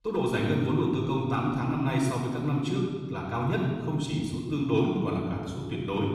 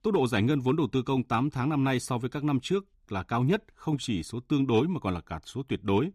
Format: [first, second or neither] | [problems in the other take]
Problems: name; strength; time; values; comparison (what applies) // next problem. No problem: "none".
second | off-mic speech; far // room echo; noticeable; dies away in 1.5 s